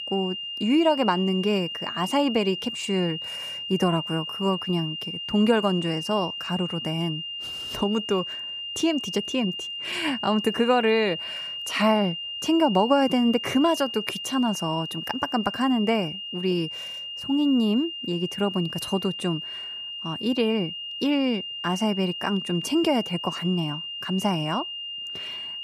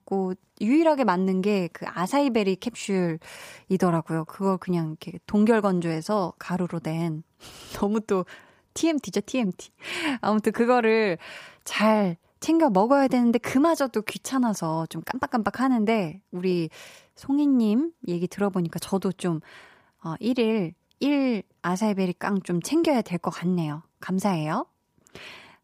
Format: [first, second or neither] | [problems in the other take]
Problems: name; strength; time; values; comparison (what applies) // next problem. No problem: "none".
second | high-pitched whine; loud; throughout; 3 kHz, 6 dB below the speech